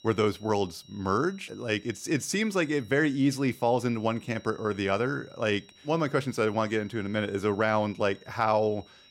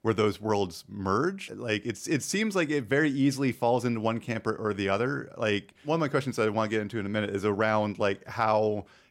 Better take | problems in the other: second | high-pitched whine; faint; throughout; 4 kHz, 25 dB below the speech

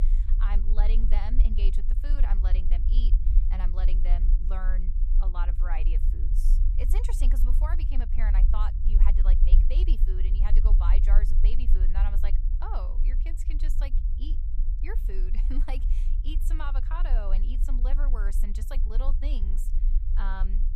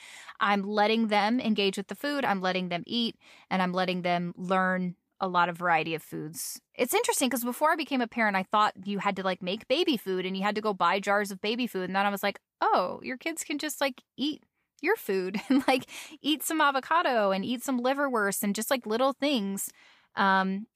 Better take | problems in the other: second | low rumble; loud; throughout; 8 dB below the speech

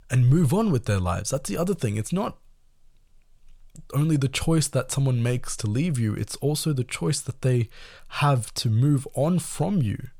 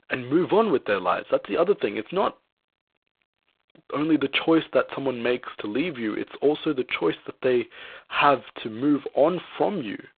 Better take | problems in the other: first | phone-call audio; poor line

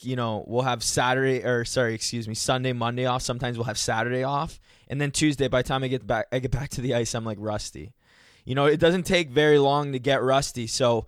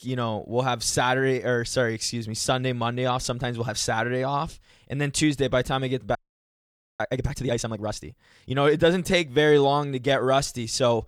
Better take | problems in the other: first | audio freezing; at 6 s for 1 s

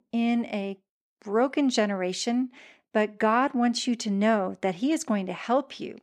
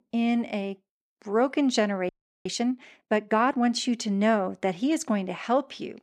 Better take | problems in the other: first | audio freezing; at 2 s

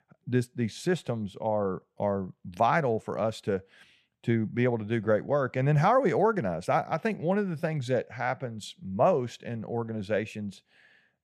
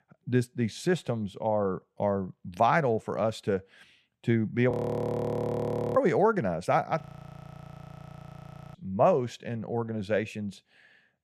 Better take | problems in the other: first | audio freezing; at 4.5 s for 1.5 s and at 7 s for 1.5 s

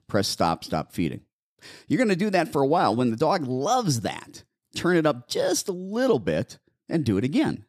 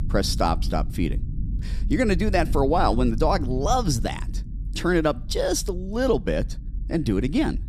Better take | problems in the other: first | low rumble; faint; throughout; 20 dB below the speech

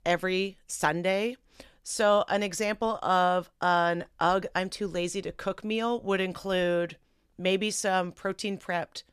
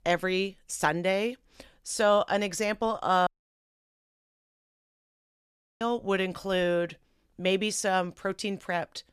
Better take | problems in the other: first | audio cutting out; at 3.5 s for 2.5 s

